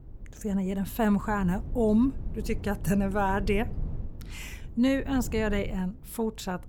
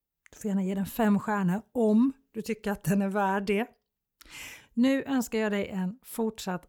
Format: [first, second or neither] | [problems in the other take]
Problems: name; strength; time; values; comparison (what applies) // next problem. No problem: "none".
second | low rumble; faint; throughout; 20 dB below the speech